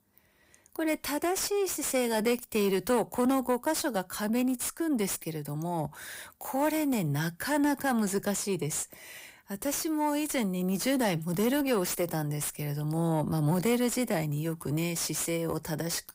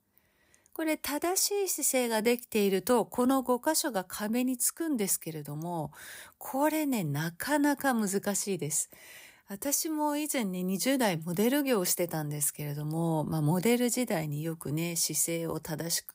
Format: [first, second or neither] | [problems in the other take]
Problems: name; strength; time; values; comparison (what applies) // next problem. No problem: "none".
second | distortion; slight; 10 dB below the speech